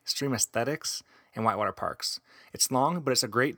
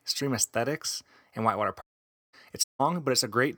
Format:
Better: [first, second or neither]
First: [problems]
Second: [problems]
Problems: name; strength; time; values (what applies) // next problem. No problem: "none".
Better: first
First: none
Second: audio cutting out; at 2 s for 0.5 s and at 2.5 s